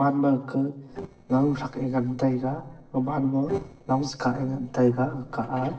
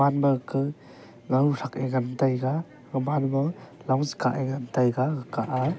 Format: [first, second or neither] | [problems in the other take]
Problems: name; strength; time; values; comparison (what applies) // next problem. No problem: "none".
second | noise reduction (neural separator model SepFormer DNS4)